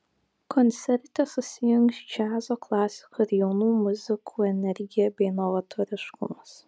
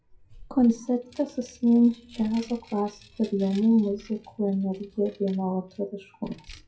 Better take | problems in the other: first | noise reduction (classical method WPE with log-MMSE)

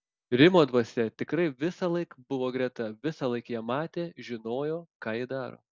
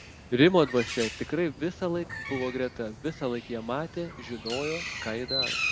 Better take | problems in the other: first | background sound (Bird); 8 dB below the speech

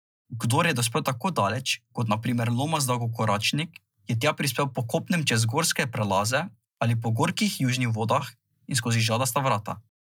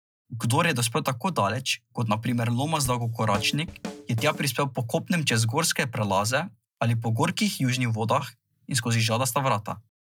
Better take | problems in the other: first | background sound (Drum / Drum kit); 13 dB below the speech

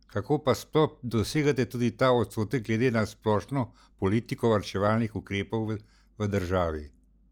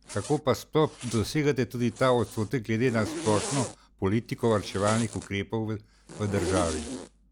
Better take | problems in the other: first | background sound (Zipper (clothing)); 11 dB below the speech

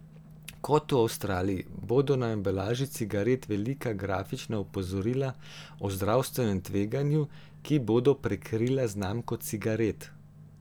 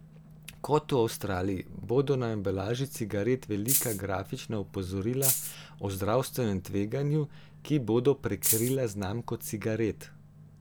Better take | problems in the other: first | background sound (Rattle (instrument)); 2 dB above the speech

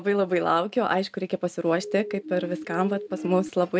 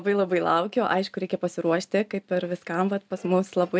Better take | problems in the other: second | background sound (Siren); 11 dB below the speech

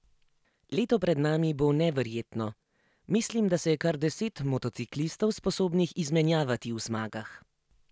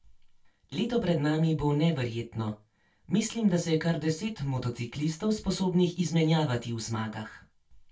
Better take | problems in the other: first | room echo; dies away in 0.2 s

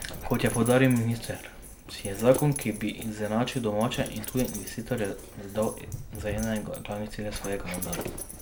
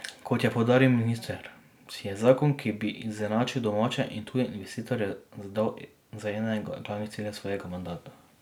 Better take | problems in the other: second | background sound (Dog); 10 dB below the speech

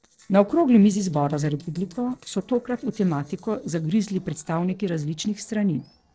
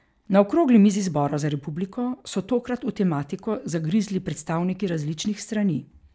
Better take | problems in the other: second | noise reduction (neural separator model SepFormer DNS4)

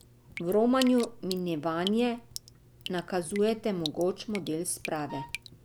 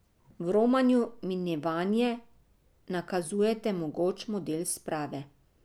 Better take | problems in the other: second | background sound (Drip + Wind instrument, woodwind instrument); 14 dB below the speech

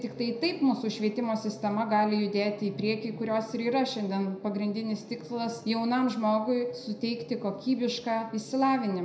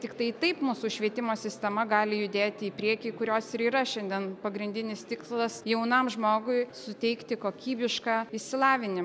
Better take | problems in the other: second | room echo; dies away in 0.5 s

